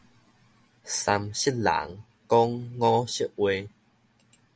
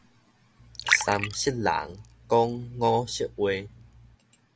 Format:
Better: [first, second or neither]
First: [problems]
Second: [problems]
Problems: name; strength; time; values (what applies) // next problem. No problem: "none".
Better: first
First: none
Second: background sound (Liquid); 6 dB below the speech